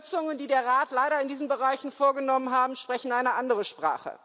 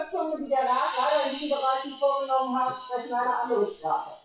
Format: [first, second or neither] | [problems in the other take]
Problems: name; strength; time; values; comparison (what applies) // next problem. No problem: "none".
first | noise reduction (classical method WPE with log-MMSE)